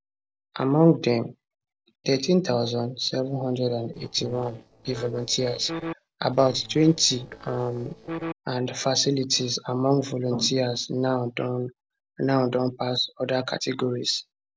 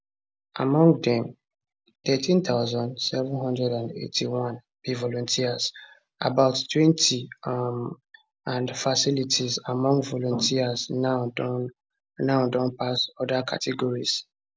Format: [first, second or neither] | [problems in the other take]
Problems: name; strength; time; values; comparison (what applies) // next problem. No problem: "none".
second | noise reduction (neural separator model SepFormer DNS4)